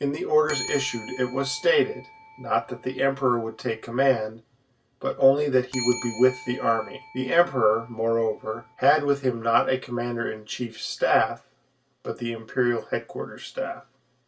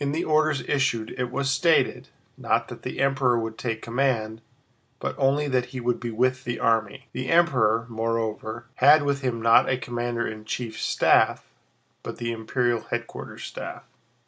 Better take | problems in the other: second | background sound (Bell); 16 dB below the speech // room echo; dies away in 0.1 s

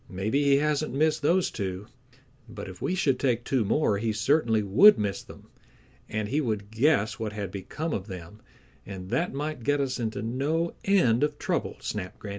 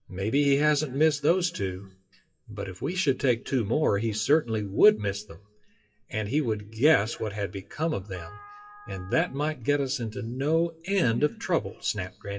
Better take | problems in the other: first | noise reduction (classical method WPE with log-MMSE)

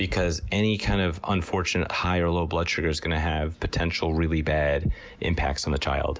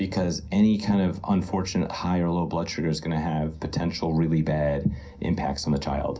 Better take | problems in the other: first | room echo; dies away in 0.3 s

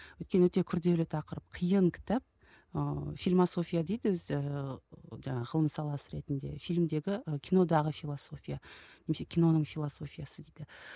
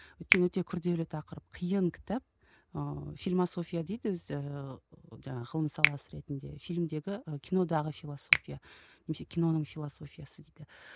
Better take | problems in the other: first | background sound (Finger snapping); 2 dB below the speech

